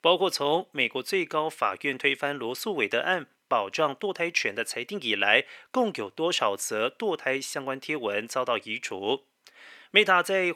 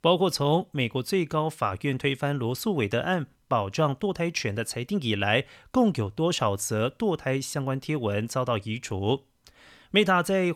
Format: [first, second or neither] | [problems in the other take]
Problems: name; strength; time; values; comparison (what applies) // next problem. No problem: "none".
second | thin; somewhat; fading below 400 Hz